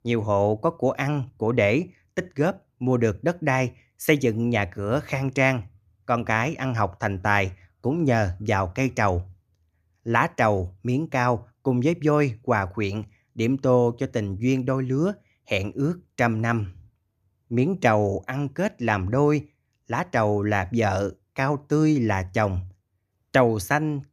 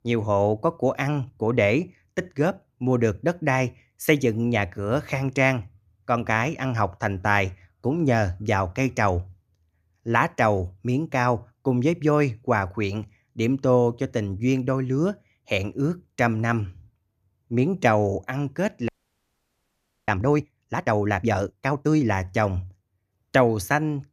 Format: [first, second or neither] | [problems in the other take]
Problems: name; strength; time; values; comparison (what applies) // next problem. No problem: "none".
first | audio freezing; at 19 s for 1 s